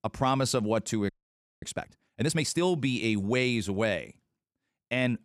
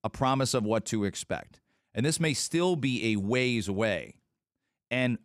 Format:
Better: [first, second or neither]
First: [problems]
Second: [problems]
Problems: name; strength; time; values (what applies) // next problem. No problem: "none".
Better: second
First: audio freezing; at 1 s for 0.5 s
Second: none